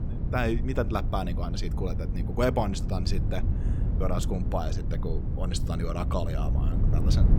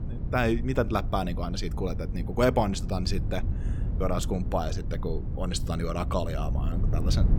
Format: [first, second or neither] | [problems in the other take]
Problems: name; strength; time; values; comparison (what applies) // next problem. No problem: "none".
second | wind noise on the microphone; heavy; 9 dB below the speech; occasional gusts in the second